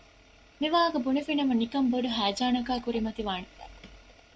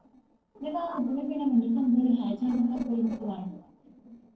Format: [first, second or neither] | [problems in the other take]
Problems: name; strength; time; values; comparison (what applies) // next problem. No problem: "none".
first | noise reduction (neural separator model SepFormer DNS4)